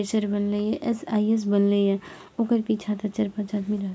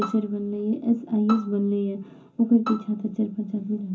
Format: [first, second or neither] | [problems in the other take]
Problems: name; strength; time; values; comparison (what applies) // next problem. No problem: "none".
first | background sound (Bowed string instrument); 14 dB below the speech // room echo; dies away in 0.3 s